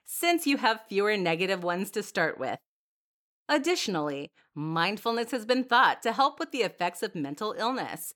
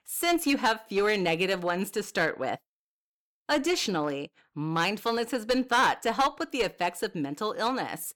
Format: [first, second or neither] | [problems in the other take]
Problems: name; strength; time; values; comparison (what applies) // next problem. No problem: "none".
first | distortion; slight; 5% of the sound clipped